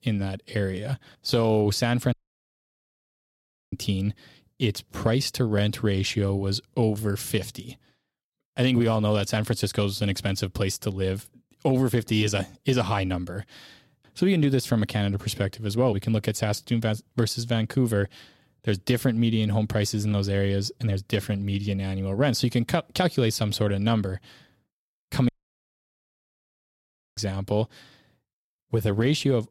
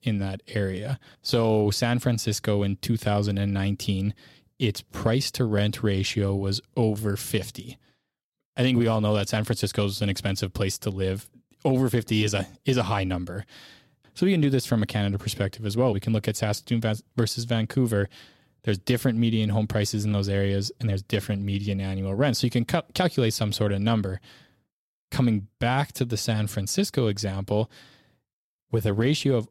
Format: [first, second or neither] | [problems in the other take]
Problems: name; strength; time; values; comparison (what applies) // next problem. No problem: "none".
second | audio cutting out; at 2 s for 1.5 s and at 25 s for 2 s